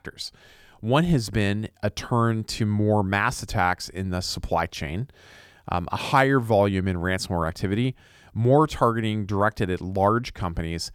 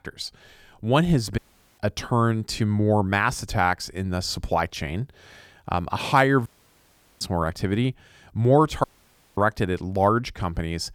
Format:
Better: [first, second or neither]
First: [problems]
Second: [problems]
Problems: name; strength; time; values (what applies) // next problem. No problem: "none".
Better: first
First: none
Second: audio cutting out; at 1.5 s, at 6.5 s for 1 s and at 9 s for 0.5 s